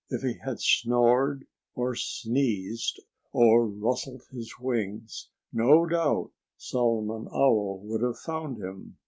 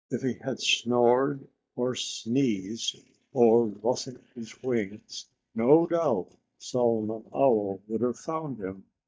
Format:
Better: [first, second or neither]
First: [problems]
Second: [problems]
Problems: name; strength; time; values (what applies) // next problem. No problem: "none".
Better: first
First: none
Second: noise reduction (neural mask model DeepFilterNet 3)